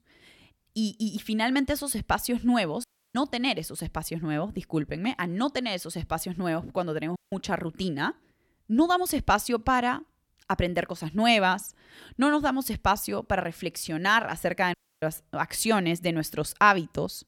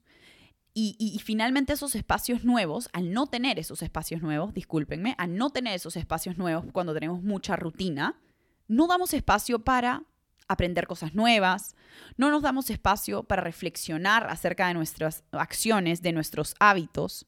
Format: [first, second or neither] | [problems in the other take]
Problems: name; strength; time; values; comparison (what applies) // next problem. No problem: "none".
second | audio cutting out; at 3 s, at 7 s and at 15 s